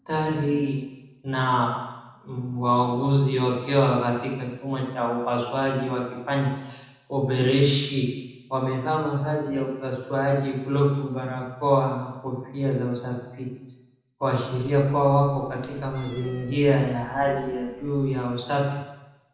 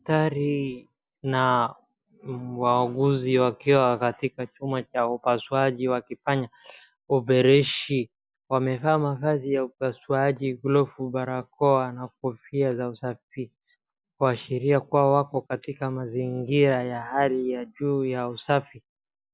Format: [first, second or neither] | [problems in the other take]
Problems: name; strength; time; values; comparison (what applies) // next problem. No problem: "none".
second | noise reduction (neural separator model SepFormer DNS4)